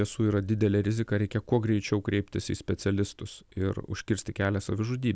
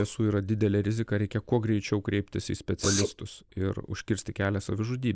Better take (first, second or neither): first